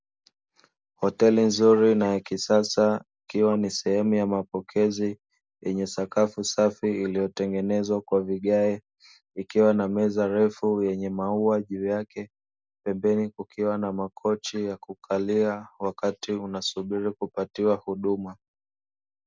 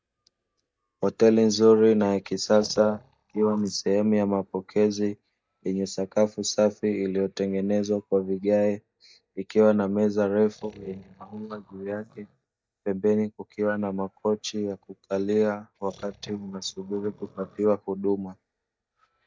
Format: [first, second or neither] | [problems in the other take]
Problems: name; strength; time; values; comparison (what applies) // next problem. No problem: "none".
first | noise reduction (neural mask model DeepFilterNet 3)